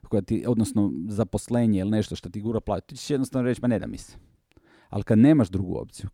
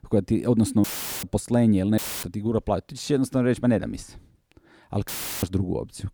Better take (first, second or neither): first